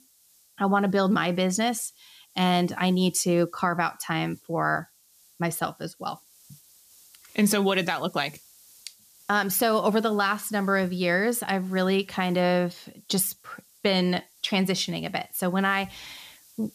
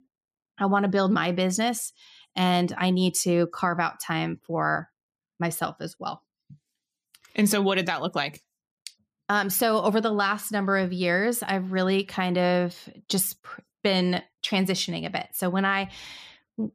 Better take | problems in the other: second | hiss; faint; throughout; 25 dB below the speech

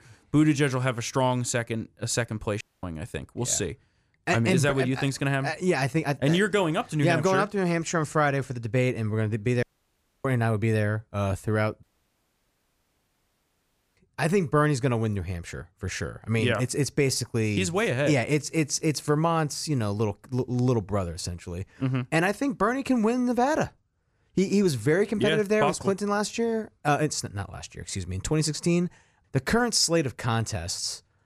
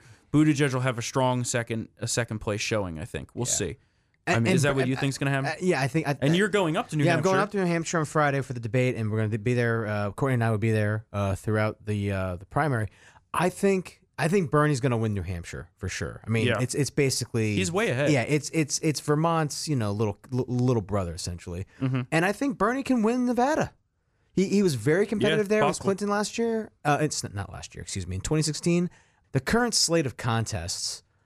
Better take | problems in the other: second | audio cutting out; at 2.5 s, at 9.5 s for 0.5 s and at 12 s for 2 s

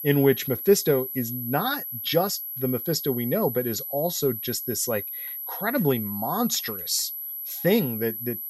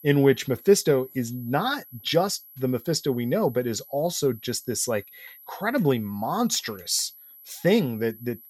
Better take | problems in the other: second | high-pitched whine; loud; throughout; 12 kHz, 5 dB below the speech; faint in the second

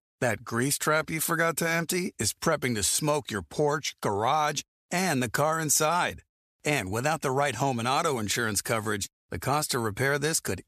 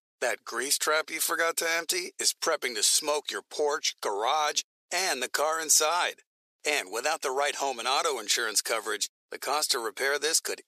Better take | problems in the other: first | thin; very; fading below 400 Hz

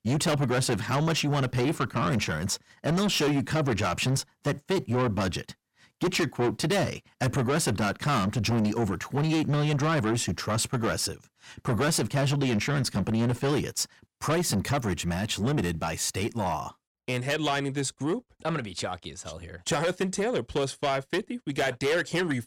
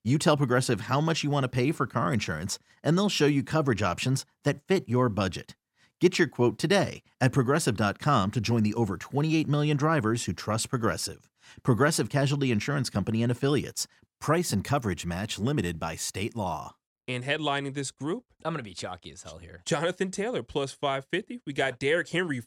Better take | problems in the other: second | distortion; heavy; 7 dB below the speech

